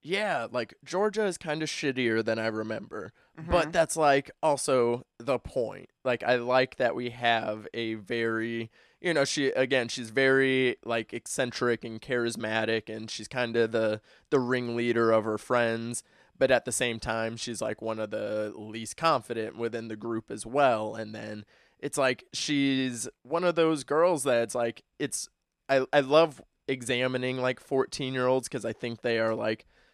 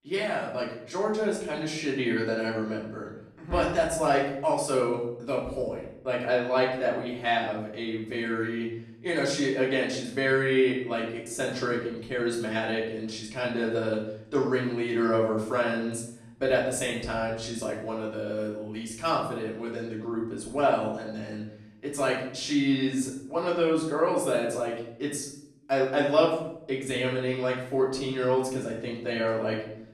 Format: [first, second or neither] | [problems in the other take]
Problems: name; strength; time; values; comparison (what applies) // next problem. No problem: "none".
first | room echo; noticeable; dies away in 0.7 s // off-mic speech; far